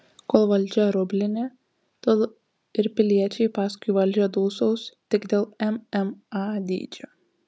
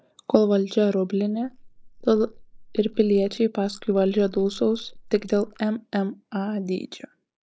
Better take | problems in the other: first | noise reduction (neural mask model Resemble Enhance denoiser)

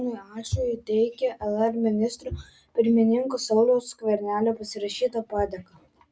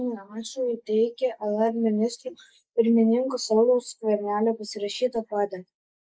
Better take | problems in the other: first | noise reduction (neural mask model Resemble Enhance denoiser)

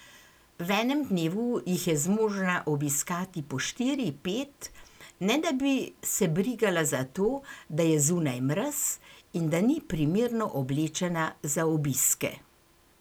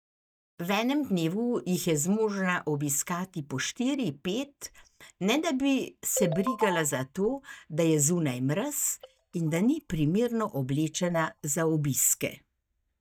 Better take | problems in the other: first | noise reduction (neural mask model DeepFilterNet 3)

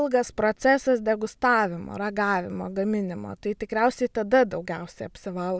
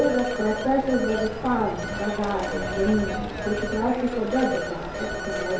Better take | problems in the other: first | background sound (Telephone); 5 dB below the speech // room echo; dies away in 2.3 s

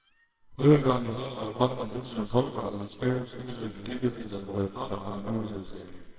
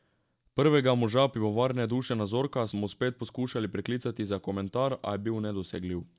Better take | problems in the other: second | noise reduction (neural separator model SepFormer WHAMR!)

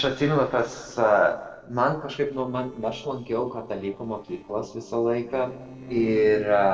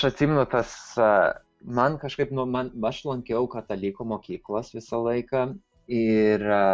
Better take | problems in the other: second | noise reduction (neural separator model SepFormer DNS4)

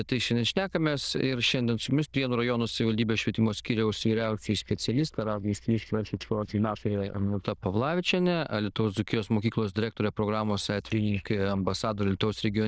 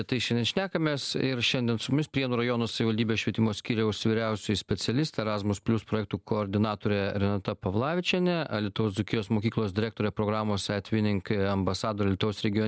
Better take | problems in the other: second | noise reduction (neural diffusion model UNIVERSE++)

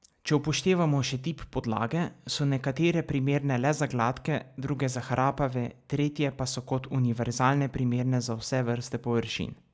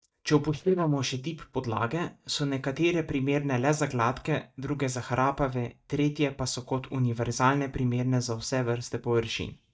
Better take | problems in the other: first | noise reduction (neural mask model DeepFilterNet 3)

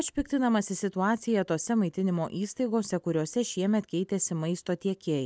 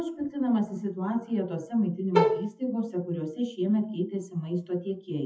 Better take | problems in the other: first | noise reduction (classical method WPE with log-MMSE)

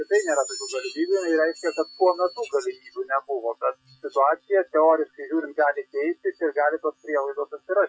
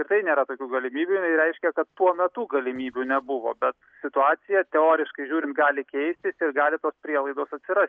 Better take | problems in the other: second | noise reduction (classical method Wiener filter)

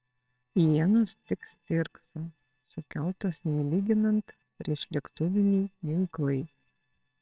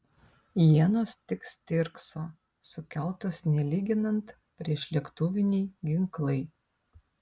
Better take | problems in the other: second | noise reduction (neural separator model SepFormer WHAMR!)

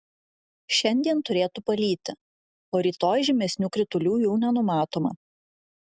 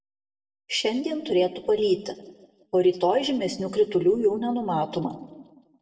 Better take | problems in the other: first | room echo; dies away in 0.8 s

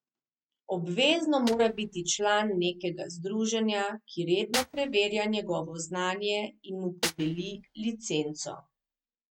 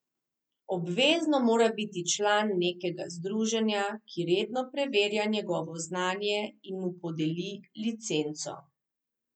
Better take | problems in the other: second | noise reduction (neural mask model RNNoise)

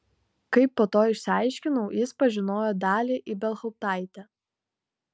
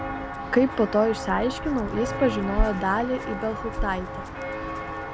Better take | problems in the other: first | background sound (Walk, footsteps); 4 dB below the speech

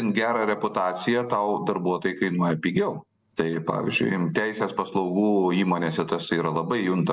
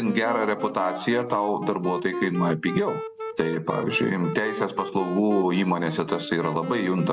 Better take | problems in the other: first | background sound (Wind instrument, woodwind instrument); 10 dB below the speech

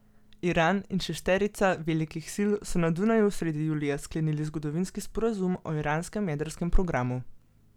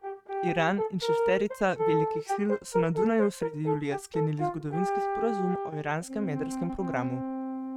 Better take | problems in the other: first | noise reduction (neural mask model RNNoise)

